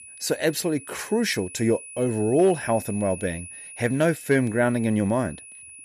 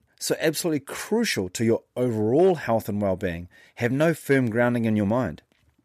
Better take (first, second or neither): second